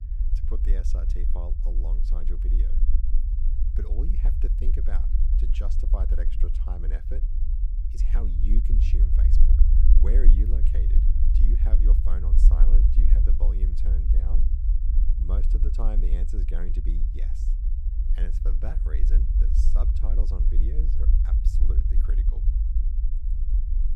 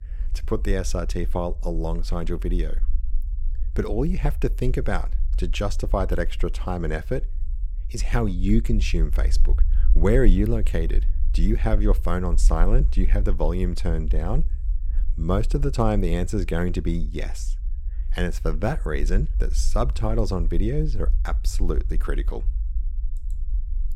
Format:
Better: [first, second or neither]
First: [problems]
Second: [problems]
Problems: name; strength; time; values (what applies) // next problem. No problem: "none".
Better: second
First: low rumble; loud; throughout; 1 dB below the speech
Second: low rumble; faint; throughout; 20 dB below the speech